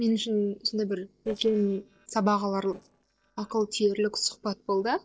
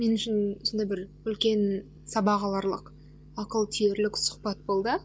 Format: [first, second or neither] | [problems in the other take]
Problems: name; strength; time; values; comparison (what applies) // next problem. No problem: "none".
second | noise reduction (neural separator model SepFormer DNS4)